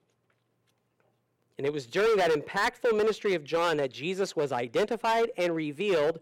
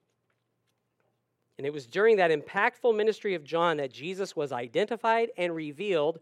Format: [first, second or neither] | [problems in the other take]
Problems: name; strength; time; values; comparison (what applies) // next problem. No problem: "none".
second | distortion; heavy; 11% of the sound clipped